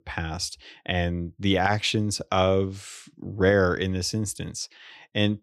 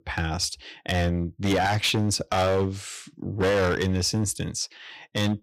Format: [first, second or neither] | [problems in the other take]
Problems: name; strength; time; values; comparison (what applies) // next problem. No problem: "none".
first | distortion; heavy; 10% of the sound clipped